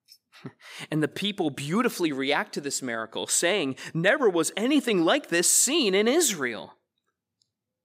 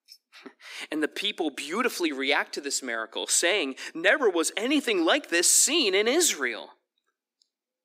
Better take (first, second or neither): first